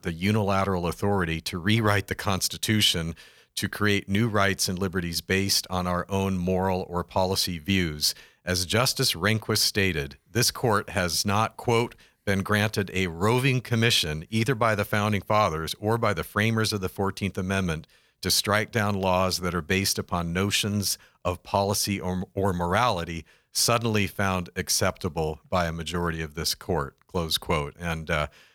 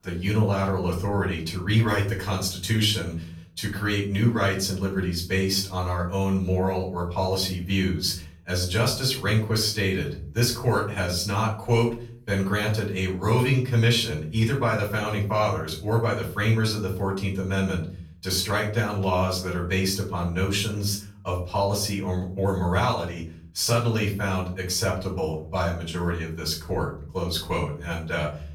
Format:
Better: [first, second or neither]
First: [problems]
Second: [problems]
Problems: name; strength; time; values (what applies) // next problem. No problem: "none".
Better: first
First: none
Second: off-mic speech; far // room echo; slight; dies away in 0.5 s